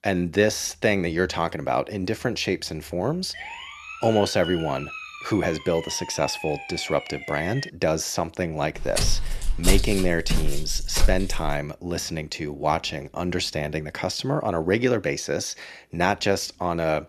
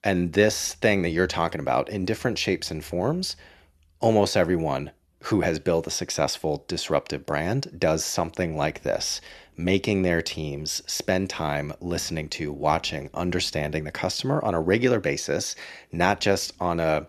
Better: second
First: siren; noticeable; from 3.5 to 7.5 s; peak 8 dB below the speech // footsteps; loud; from 9 to 12 s; peak 1 dB above the speech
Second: none

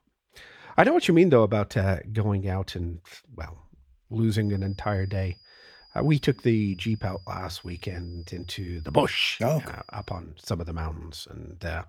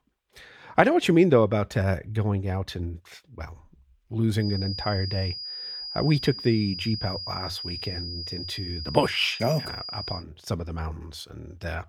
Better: first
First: high-pitched whine; faint; from 4.5 to 10 s; 5 kHz, 30 dB below the speech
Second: high-pitched whine; loud; from 4.5 to 10 s; 5 kHz, 8 dB below the speech

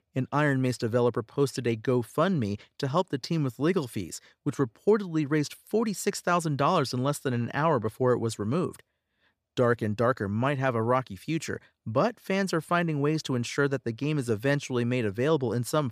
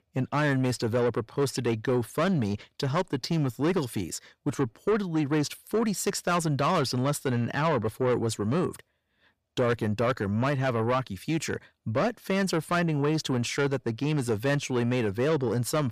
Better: first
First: none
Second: distortion; slight; 10 dB below the speech

